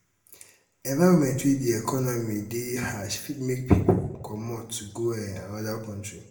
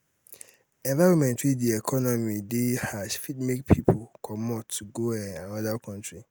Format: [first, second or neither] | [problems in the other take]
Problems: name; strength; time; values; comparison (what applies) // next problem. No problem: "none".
second | room echo; dies away in 0.6 s